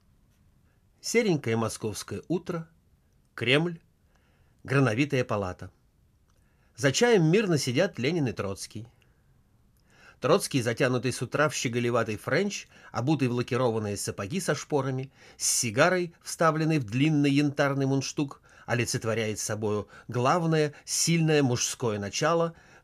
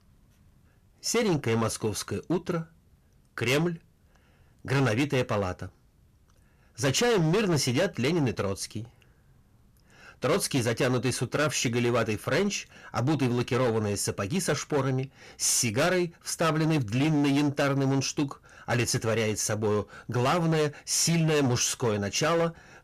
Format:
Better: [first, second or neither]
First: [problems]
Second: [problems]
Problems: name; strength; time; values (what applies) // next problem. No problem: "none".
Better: first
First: none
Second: distortion; heavy; 13% of the sound clipped